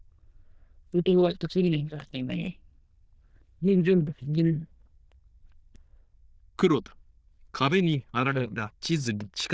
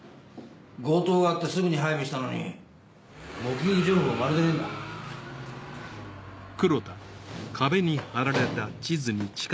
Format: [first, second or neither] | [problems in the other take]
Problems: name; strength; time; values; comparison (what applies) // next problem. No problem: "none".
second | noise reduction (neural diffusion model UNIVERSE++)